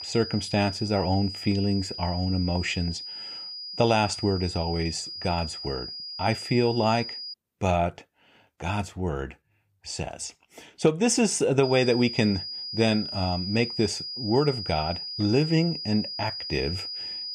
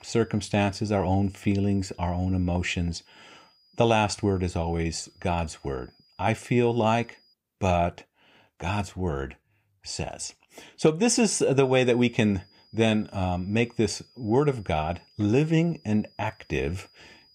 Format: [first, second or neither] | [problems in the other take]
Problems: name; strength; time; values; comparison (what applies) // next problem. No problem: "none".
second | high-pitched whine; loud; until 7.5 s and from 12 s on; 5 kHz, 7 dB below the speech; faint in the second